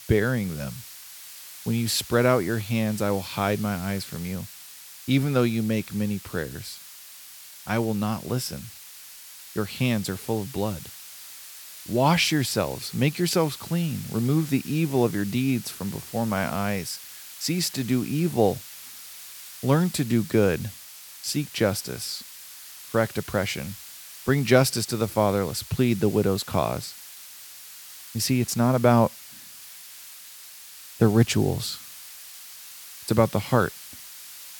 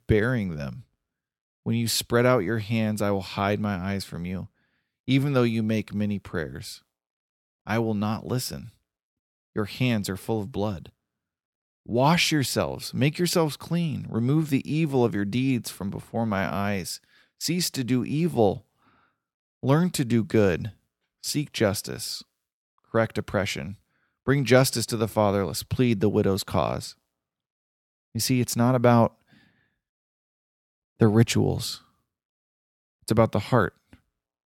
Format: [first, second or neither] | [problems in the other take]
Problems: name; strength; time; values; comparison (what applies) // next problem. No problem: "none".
second | hiss; noticeable; throughout; 15 dB below the speech